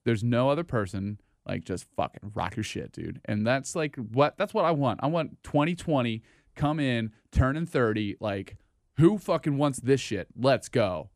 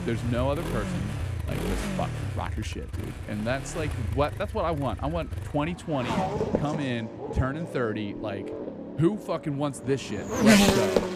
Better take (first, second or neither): first